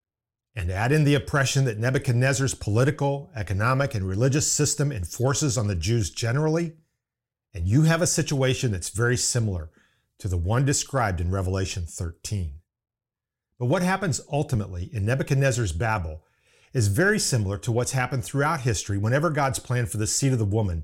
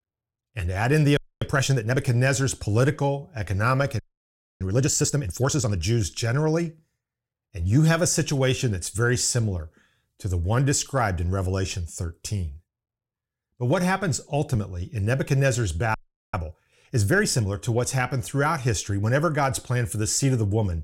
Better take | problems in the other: first | audio freezing; at 1 s, at 4 s for 0.5 s and at 16 s

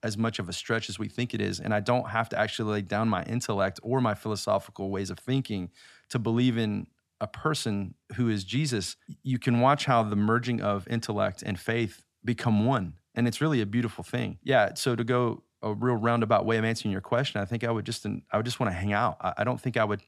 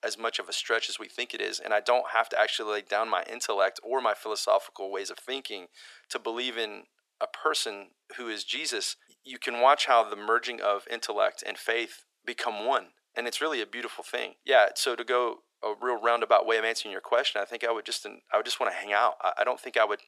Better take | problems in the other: first | thin; very; fading below 400 Hz

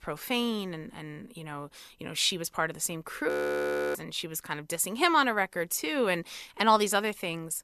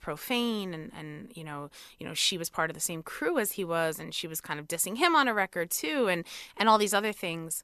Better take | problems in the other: second | audio freezing; at 3.5 s for 0.5 s

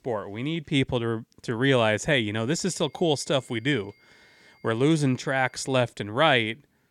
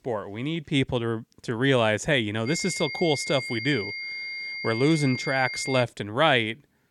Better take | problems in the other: first | high-pitched whine; loud; from 2.5 to 6 s; 2 kHz, 7 dB below the speech; faint in the first

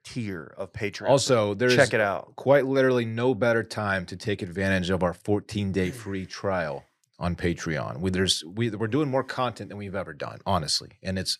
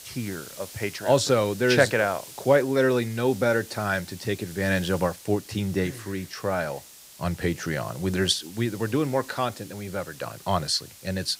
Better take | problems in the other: first | hiss; noticeable; throughout; 15 dB below the speech

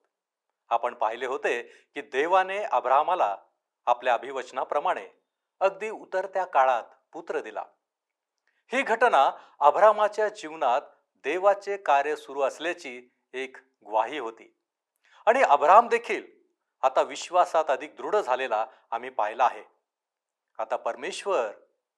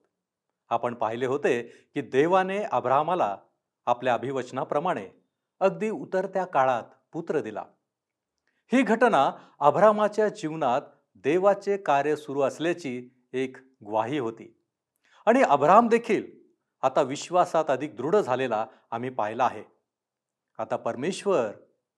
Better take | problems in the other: second | thin; very; fading below 550 Hz

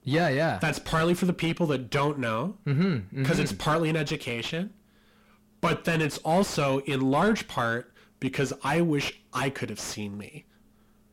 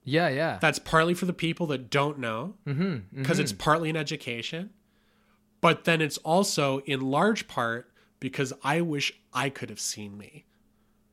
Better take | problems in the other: second | distortion; heavy; 6 dB below the speech

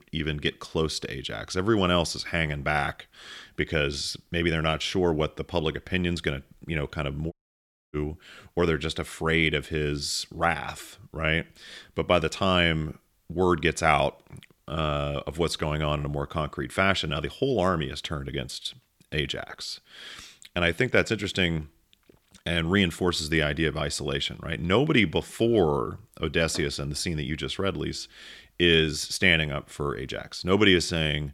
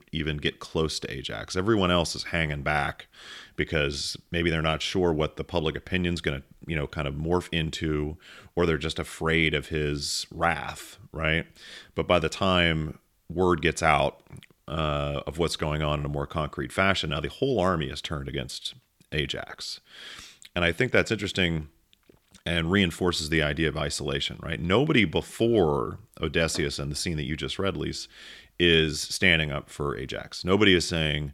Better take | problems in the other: second | audio cutting out; at 7.5 s for 0.5 s

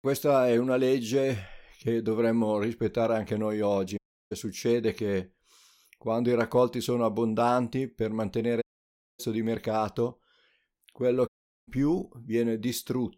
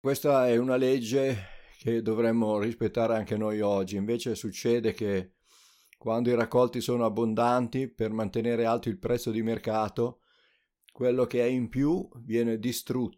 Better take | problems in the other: second | audio cutting out; at 4 s, at 8.5 s for 0.5 s and at 11 s

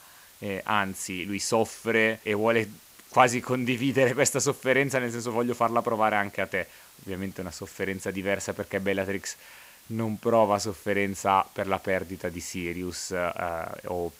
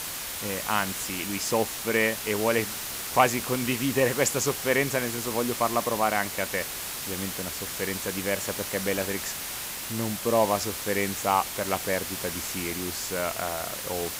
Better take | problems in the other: first | hiss; loud; throughout; 4 dB below the speech; faint in the first

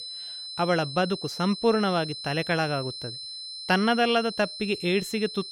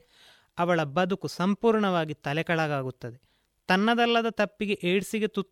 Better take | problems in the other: second | high-pitched whine; loud; throughout; 4 kHz, 9 dB below the speech

